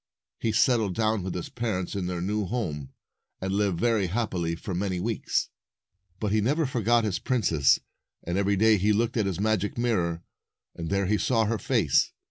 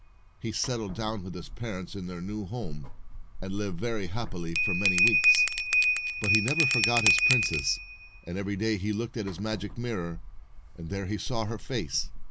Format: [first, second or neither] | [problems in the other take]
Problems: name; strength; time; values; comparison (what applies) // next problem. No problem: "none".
first | background sound (Bell); 3 dB above the speech